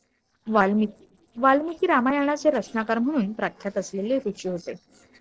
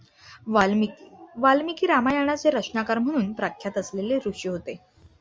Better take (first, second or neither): second